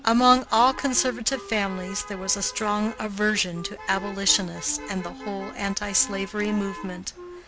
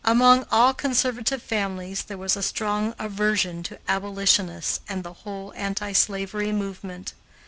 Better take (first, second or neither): second